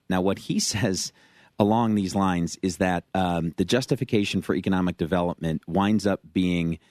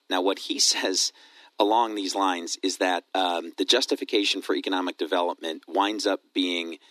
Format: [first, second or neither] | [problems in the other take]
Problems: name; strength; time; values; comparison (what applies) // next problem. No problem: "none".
first | thin; somewhat; fading below 300 Hz